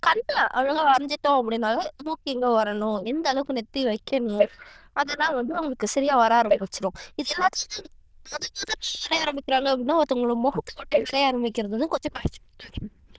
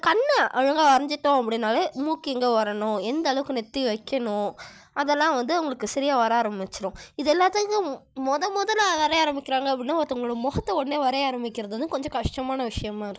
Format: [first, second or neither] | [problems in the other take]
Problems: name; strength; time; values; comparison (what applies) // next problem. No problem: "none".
second | noise reduction (neural diffusion model UNIVERSE++)